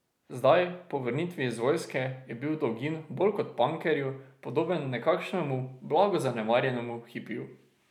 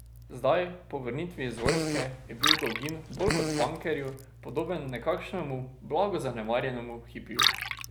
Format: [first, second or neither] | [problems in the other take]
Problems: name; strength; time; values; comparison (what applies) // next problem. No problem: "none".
first | background sound (Fart + Liquid); 2 dB below the speech